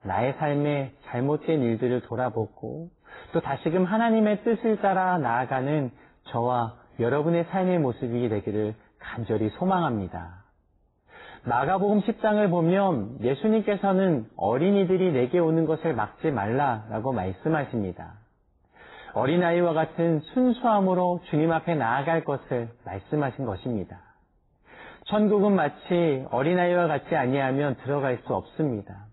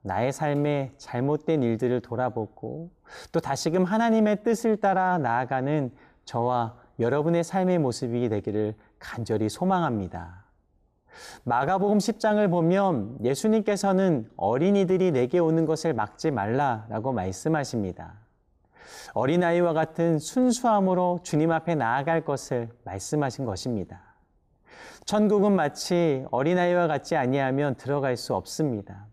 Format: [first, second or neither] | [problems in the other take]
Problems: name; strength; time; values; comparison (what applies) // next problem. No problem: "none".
second | garbled, watery; badly; nothing above 4 kHz